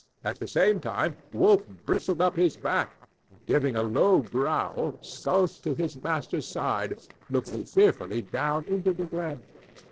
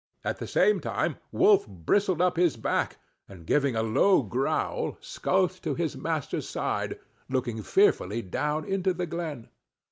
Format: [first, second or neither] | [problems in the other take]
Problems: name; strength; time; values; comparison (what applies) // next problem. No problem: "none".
second | noise reduction (neural separator model SepFormer DNS4)